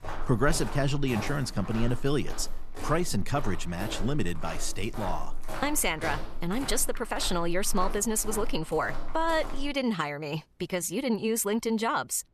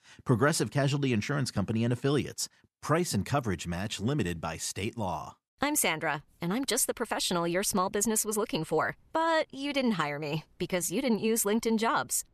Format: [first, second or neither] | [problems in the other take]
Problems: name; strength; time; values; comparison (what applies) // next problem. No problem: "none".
second | footsteps; noticeable; until 9.5 s; peak 7 dB below the speech